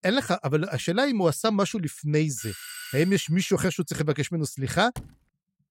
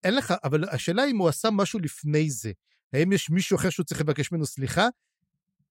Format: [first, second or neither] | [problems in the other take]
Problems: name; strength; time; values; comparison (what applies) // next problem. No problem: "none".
second | doorbell; faint; at 2.5 s; peak 10 dB below the speech // door banging; faint; at 5 s; peak 15 dB below the speech